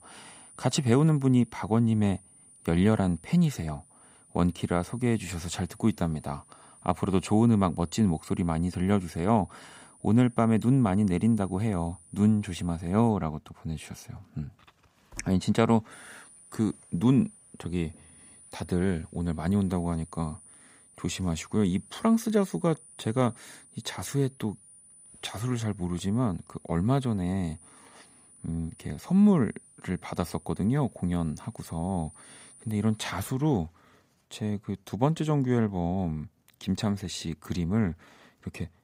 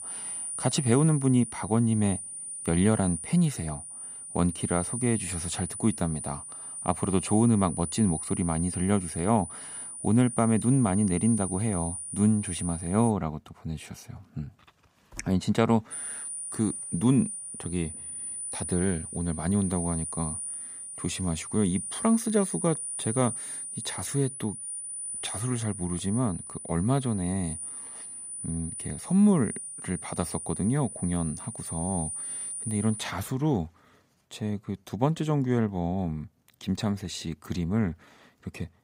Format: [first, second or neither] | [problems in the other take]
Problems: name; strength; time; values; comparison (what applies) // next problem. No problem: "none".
first | high-pitched whine; loud; until 13 s and from 16 to 33 s; 9.5 kHz, 6 dB below the speech; faint in the first